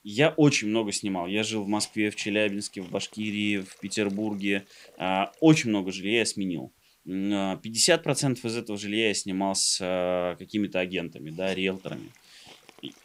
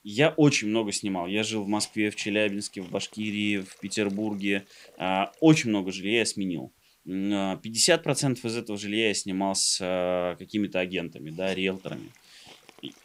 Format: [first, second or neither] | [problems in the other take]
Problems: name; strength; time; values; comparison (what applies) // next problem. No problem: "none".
neither | hiss; faint; throughout; 30 dB below the speech; the same in both